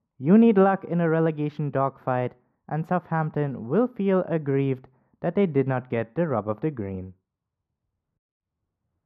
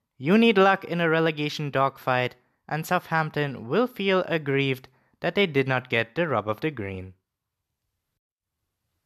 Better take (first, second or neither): second